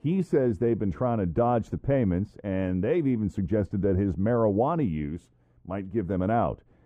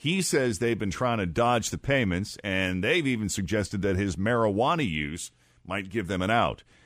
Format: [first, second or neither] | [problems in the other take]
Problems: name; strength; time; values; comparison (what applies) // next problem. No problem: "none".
second | muffled; very; fading above 1.5 kHz